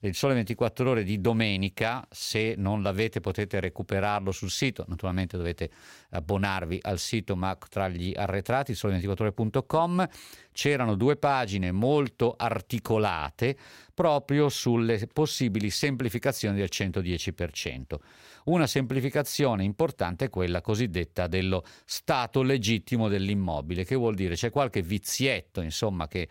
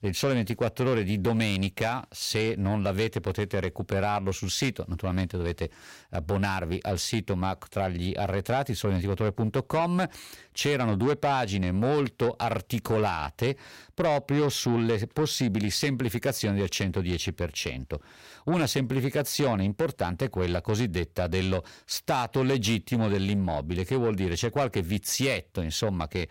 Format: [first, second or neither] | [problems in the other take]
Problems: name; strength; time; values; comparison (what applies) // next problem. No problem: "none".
first | distortion; slight; 10 dB below the speech